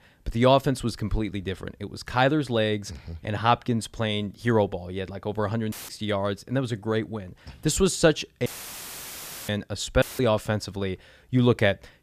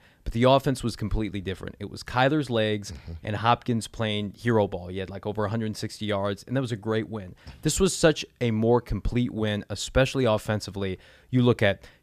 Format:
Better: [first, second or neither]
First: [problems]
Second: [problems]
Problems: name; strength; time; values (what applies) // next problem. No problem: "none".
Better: second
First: audio cutting out; filled with static; at 5.5 s, at 8.5 s for 1 s and at 10 s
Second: none